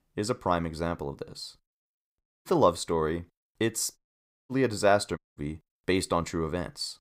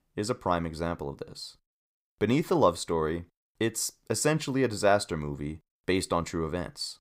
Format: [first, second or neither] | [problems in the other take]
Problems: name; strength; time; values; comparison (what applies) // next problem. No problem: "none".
second | audio cutting out; at 2 s, at 4 s for 0.5 s and at 5 s